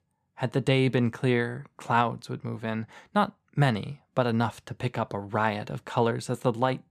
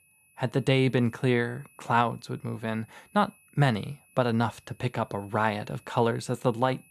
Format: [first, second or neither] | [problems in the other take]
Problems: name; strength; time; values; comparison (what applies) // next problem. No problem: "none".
first | high-pitched whine; faint; throughout; 2.5 kHz, 30 dB below the speech